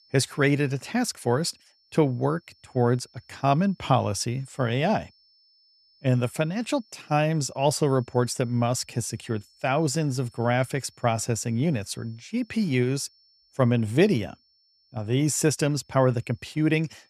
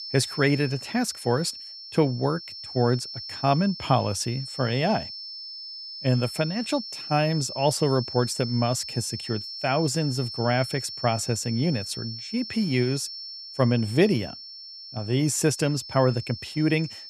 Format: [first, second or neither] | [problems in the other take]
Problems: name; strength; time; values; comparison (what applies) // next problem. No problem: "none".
first | high-pitched whine; loud; throughout; 5.5 kHz, 9 dB below the speech; faint in the first